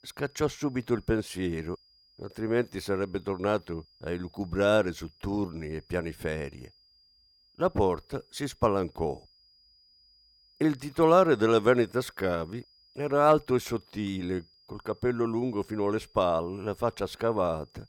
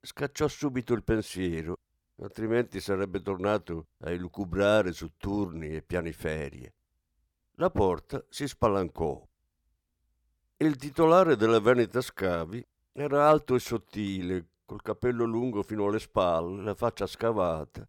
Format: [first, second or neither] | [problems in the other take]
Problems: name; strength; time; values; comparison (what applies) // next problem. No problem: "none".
second | high-pitched whine; faint; throughout; 5 kHz, 30 dB below the speech